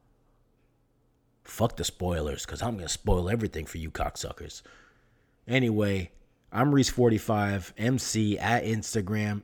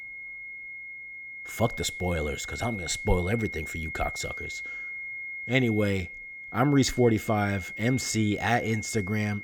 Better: first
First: none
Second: high-pitched whine; loud; throughout; 2 kHz, 8 dB below the speech

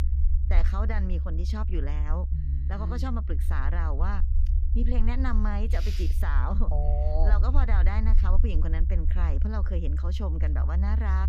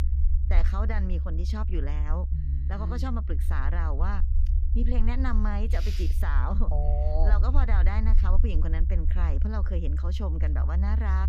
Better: neither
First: low rumble; loud; throughout; 9 dB below the speech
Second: low rumble; loud; throughout; 9 dB below the speech

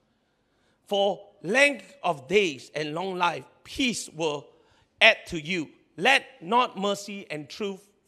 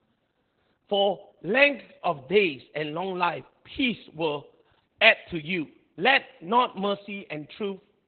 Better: first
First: none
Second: garbled, watery; badly; nothing above 4 kHz

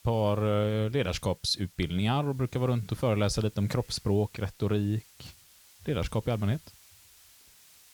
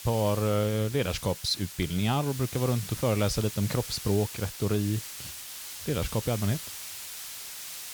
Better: first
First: hiss; faint; throughout; 25 dB below the speech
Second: hiss; loud; throughout; 9 dB below the speech

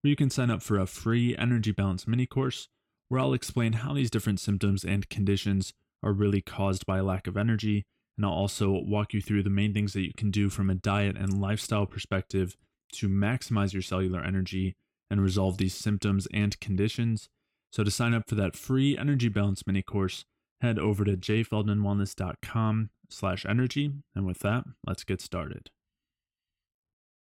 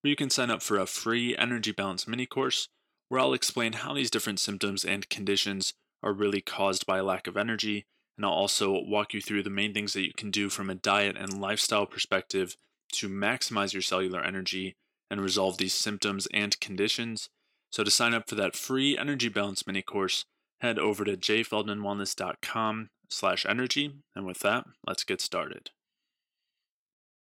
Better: first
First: none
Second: thin; somewhat; fading below 400 Hz

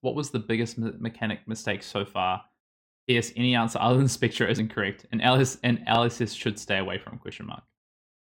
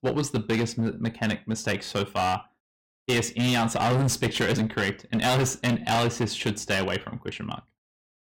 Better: first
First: none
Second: distortion; heavy; 16% of the sound clipped

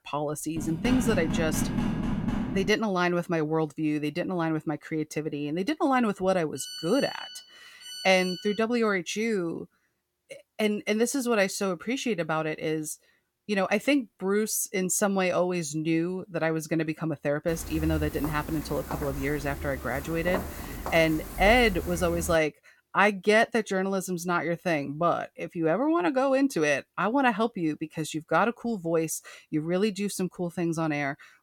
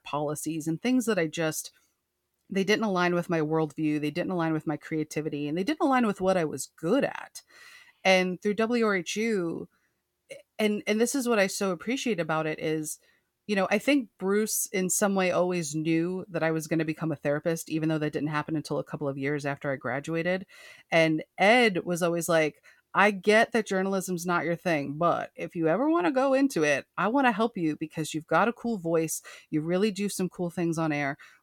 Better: second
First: door banging; noticeable; from 0.5 to 2.5 s; peak 1 dB below the speech // phone ringing; noticeable; from 6.5 to 8.5 s; peak 9 dB below the speech // footsteps; noticeable; from 17 to 22 s; peak 7 dB below the speech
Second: none

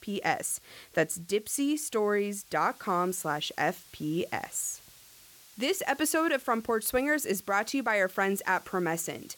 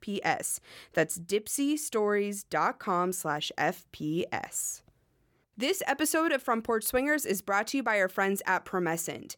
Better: second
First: hiss; faint; throughout; 25 dB below the speech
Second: none

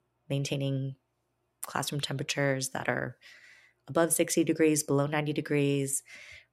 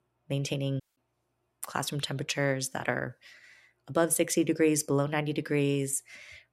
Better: first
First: none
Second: audio cutting out; at 1 s

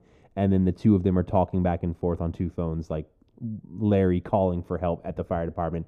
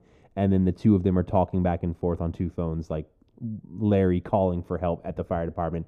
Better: neither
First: muffled; very; fading above 1 kHz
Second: muffled; very; fading above 1 kHz

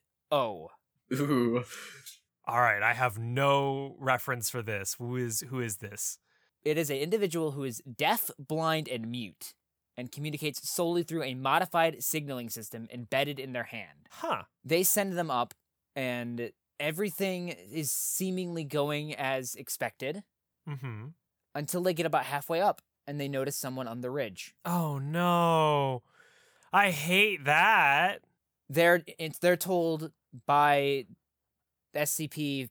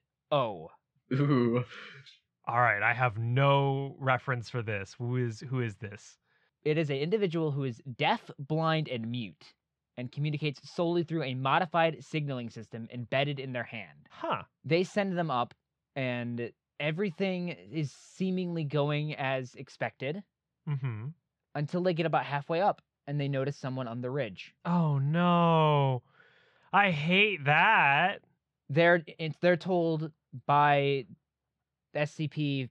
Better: first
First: none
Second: muffled; slightly; fading above 4 kHz

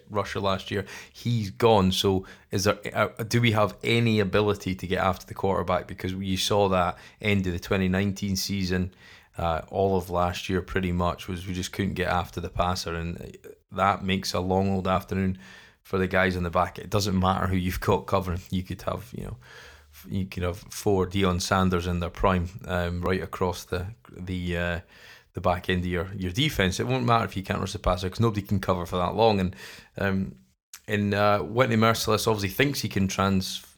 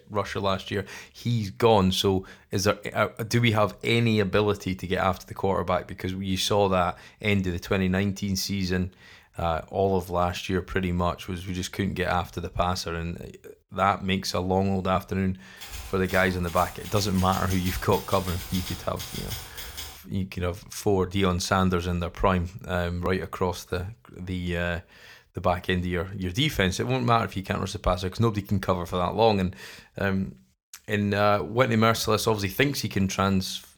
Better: first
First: none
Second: keyboard typing; noticeable; from 16 to 20 s; peak 8 dB below the speech

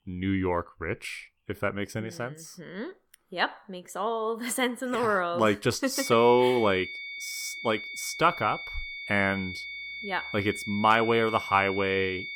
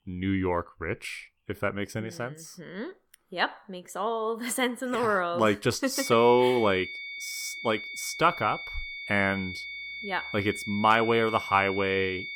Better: neither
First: high-pitched whine; loud; from 6 s on; 2 kHz, 9 dB below the speech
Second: high-pitched whine; loud; from 6 s on; 2 kHz, 9 dB below the speech

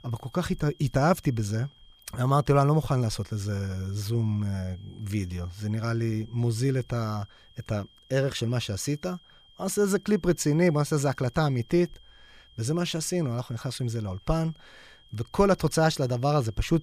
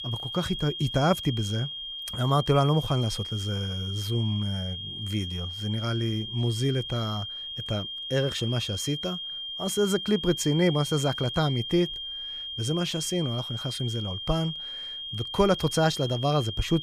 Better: first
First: high-pitched whine; faint; throughout; 3 kHz, 30 dB below the speech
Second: high-pitched whine; loud; throughout; 3 kHz, 6 dB below the speech

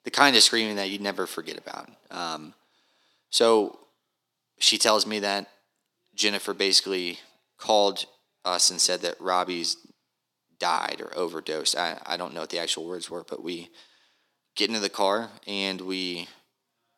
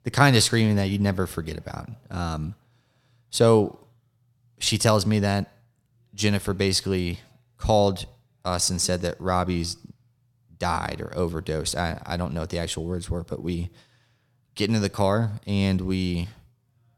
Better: second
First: thin; somewhat; fading below 300 Hz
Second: none

